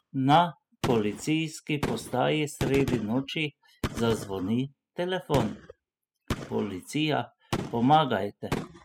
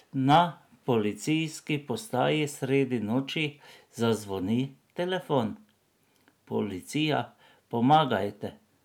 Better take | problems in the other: second | noise reduction (classical method spectral subtraction)

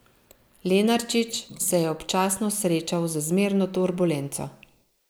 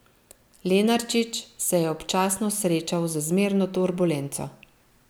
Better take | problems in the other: second | noise reduction (neural mask model Resemble Enhance denoiser)

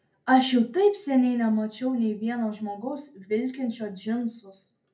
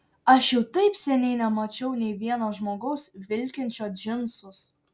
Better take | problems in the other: second | room echo; dies away in 0.3 s

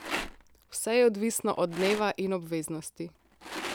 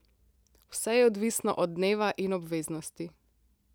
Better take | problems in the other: second | background sound (Rattle); 11 dB below the speech

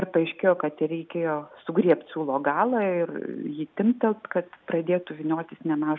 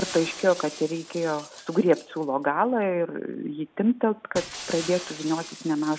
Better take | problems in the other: first | background sound (Shatter); 15 dB below the speech

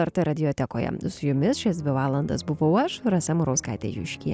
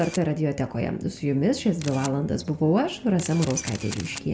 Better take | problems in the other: first | background sound (Camera); 17 dB below the speech // room echo; dies away in 0.7 s

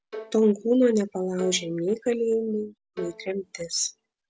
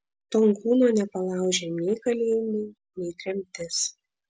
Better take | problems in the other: second | background sound (Bowed string instrument); 18 dB below the speech

